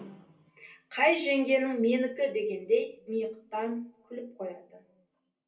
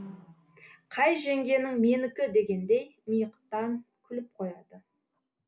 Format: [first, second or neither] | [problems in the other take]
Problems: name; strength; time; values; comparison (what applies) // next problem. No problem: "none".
second | room echo; dies away in 0.3 s